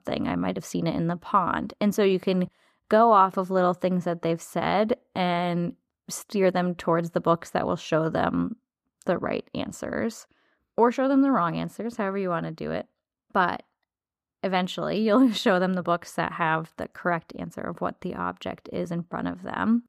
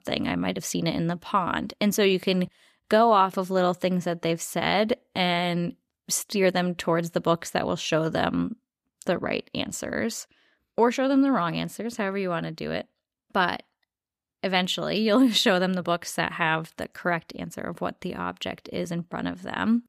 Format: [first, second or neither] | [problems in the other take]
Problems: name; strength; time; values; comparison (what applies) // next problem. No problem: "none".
second | muffled; slightly; fading above 1.5 kHz